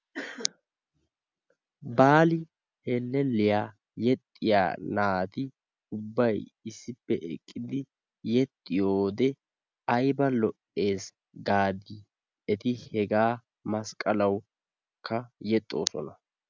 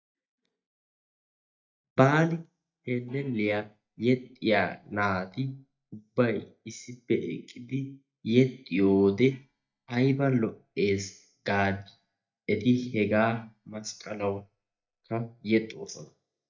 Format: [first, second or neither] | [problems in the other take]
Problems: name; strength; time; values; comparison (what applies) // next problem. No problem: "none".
first | noise reduction (neural mask model DeepFilterNet 3)